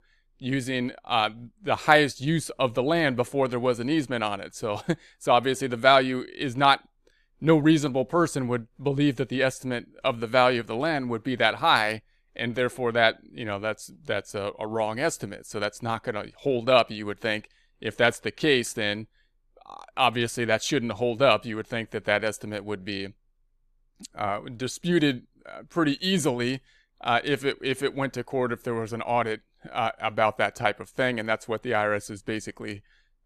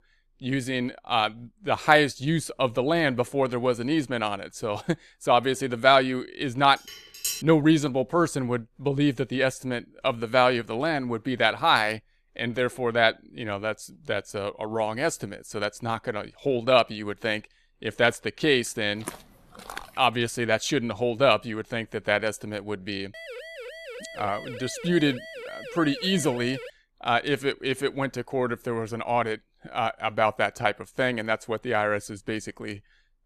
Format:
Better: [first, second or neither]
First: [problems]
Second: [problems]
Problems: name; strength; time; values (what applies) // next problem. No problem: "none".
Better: first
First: none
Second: clattering dishes; noticeable; at 7 s; peak 4 dB below the speech // footsteps; faint; at 19 s; peak 15 dB below the speech // siren; faint; from 23 to 27 s; peak 15 dB below the speech